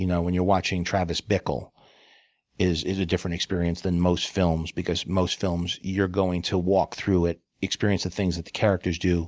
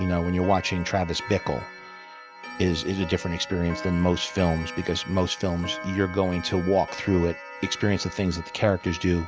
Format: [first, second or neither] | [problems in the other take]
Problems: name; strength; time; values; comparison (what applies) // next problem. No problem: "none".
first | background sound (Clock); 13 dB below the speech